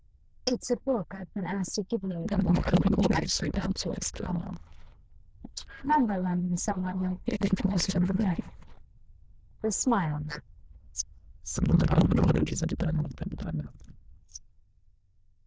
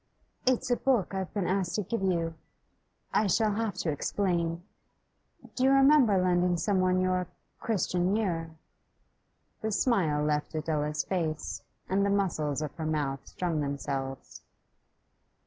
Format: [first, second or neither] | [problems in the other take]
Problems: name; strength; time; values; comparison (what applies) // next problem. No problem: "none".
second | noise reduction (neural diffusion model UNIVERSE++)